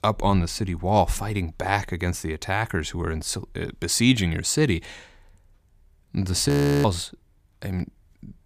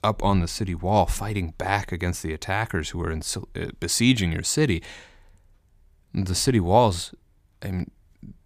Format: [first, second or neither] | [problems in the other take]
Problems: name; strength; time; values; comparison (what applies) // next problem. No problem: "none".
second | audio freezing; at 6.5 s